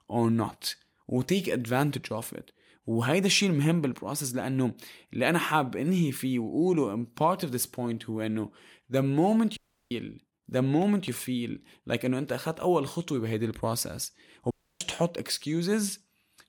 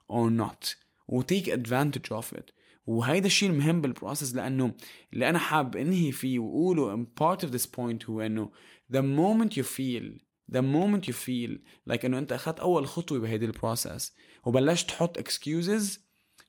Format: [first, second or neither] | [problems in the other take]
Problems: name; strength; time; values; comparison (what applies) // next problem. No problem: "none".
second | audio cutting out; at 9.5 s and at 15 s